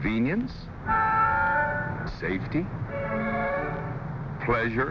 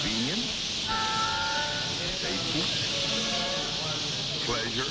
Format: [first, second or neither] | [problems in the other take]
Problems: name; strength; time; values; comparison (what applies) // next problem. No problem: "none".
first | background sound (Bird); 3 dB above the speech